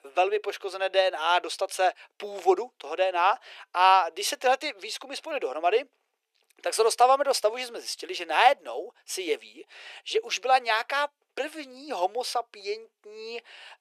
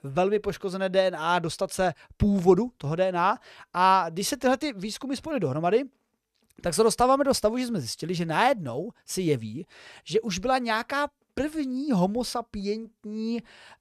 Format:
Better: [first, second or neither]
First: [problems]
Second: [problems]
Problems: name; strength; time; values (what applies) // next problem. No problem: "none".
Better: second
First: thin; very; fading below 350 Hz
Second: none